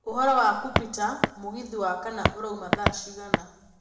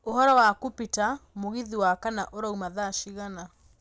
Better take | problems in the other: second | background sound (Walk, footsteps); 1 dB above the speech // room echo; dies away in 0.9 s

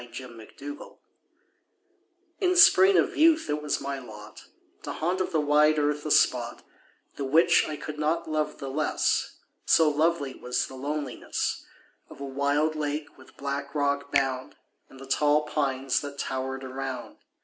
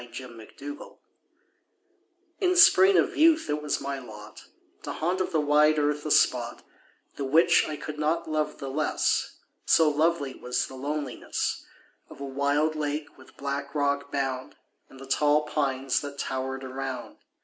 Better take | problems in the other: second | background sound (Finger snapping); 12 dB below the speech

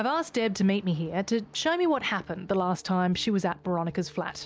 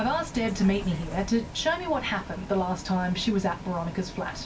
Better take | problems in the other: first | background sound (Bus); 12 dB below the speech // room echo; dies away in 0.2 s

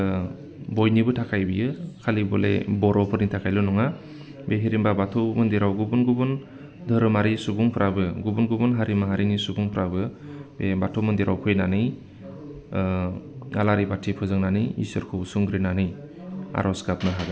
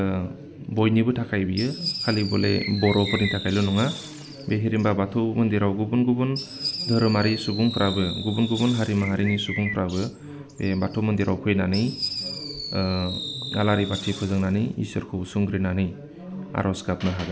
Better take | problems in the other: first | background sound (Fireworks + Bird); 11 dB below the speech

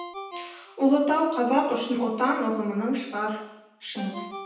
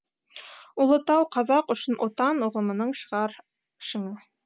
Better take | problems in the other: second | background sound (Ringtone); 17 dB below the speech // room echo; dies away in 0.9 s

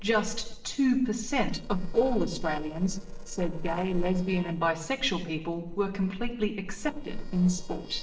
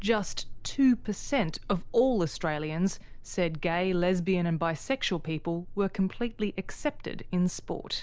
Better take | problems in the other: second | noise reduction (neural separator model SepFormer DNS4)

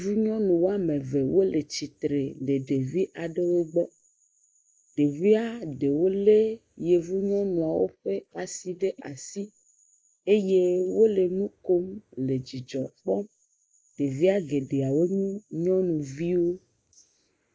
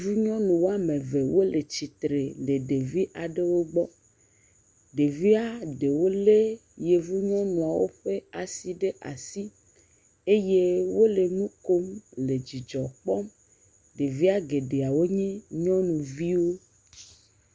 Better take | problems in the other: second | noise reduction (neural mask model Resemble Enhance denoiser)

